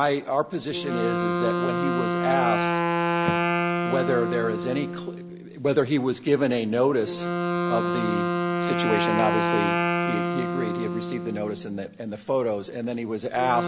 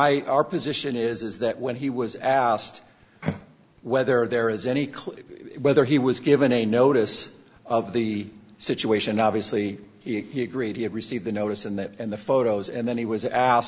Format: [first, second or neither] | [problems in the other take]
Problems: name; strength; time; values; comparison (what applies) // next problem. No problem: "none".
second | background sound (Wind instrument, woodwind instrument); as loud as the speech